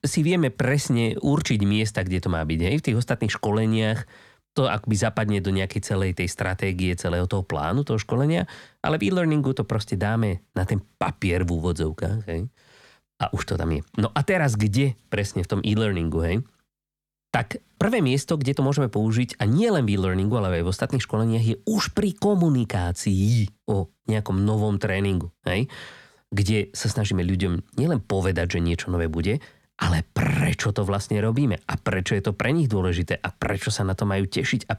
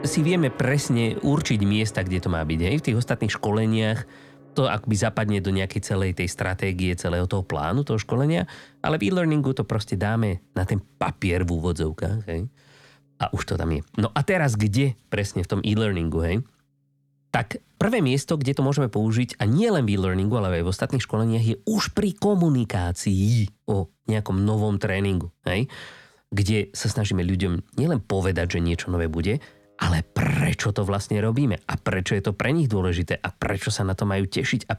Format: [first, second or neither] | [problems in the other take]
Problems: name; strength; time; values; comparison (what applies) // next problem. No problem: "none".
first | background music; faint; throughout; 20 dB below the speech